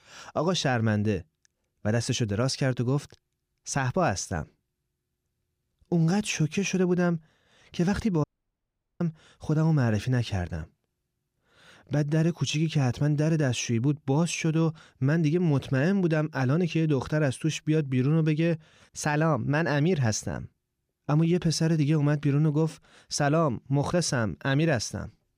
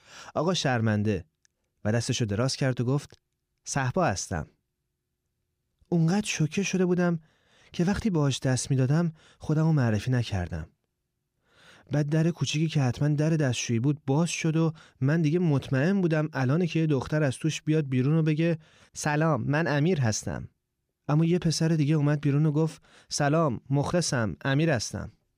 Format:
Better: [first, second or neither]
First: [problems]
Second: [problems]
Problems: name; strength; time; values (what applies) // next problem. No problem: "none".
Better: second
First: audio cutting out; at 8 s for 1 s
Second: none